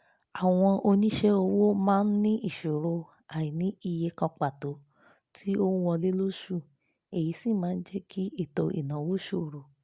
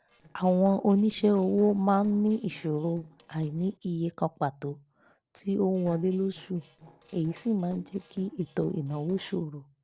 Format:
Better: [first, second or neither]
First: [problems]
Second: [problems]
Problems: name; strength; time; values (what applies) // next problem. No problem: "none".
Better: first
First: none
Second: noise reduction (neural separator model SepFormer DNS4)